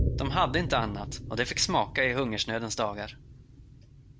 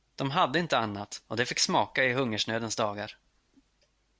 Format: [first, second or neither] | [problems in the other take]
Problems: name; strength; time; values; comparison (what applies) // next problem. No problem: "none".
second | background sound (Boom); 6 dB below the speech